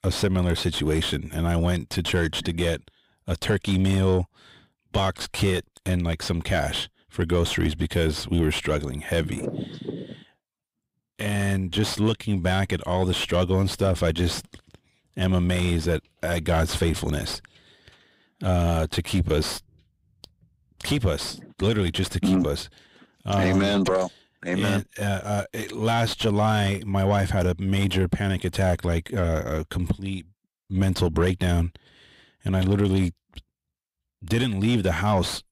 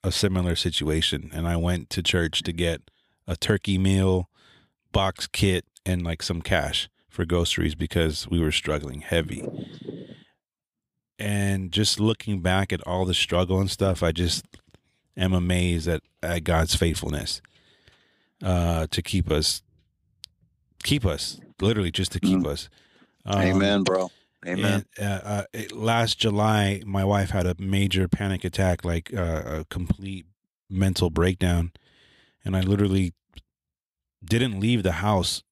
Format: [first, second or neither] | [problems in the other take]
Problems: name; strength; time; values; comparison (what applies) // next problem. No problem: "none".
second | distortion; slight; 9 dB below the speech